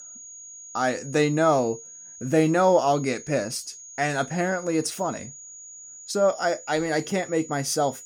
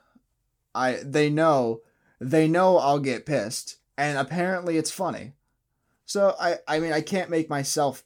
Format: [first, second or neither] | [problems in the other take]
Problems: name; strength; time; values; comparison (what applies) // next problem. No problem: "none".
second | high-pitched whine; noticeable; throughout; 7 kHz, 15 dB below the speech